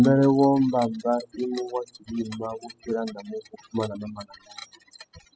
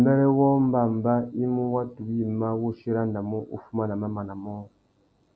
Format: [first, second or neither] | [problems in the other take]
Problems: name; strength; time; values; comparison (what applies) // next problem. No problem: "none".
second | noise reduction (classical method spectral subtraction)